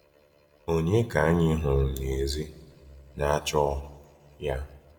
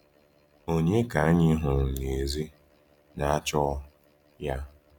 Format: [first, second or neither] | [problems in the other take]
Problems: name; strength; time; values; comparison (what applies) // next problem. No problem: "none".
second | room echo; dies away in 1.2 s